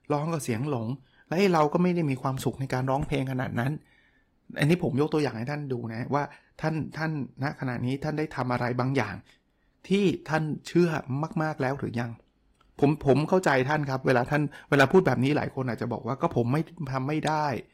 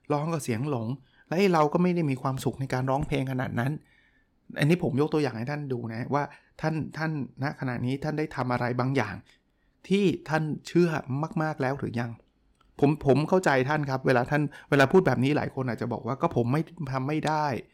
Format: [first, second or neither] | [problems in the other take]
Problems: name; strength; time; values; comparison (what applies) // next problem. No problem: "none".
second | garbled, watery; slightly; nothing above 15.5 kHz